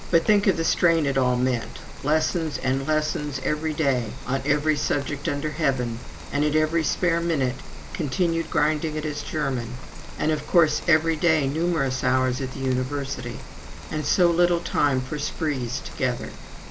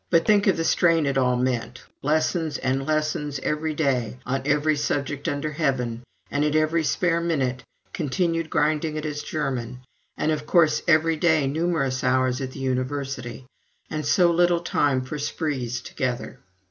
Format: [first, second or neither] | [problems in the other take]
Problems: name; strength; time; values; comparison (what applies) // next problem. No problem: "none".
second | background sound (Rain); 11 dB below the speech